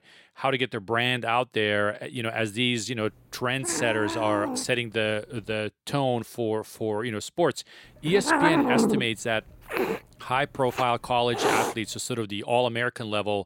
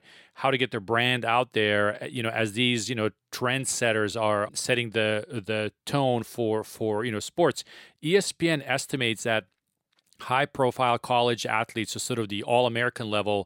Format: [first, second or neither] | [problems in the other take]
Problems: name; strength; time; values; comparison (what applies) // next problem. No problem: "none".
second | hiss; loud; from 3 to 5.5 s and from 8 to 12 s; 1 dB below the speech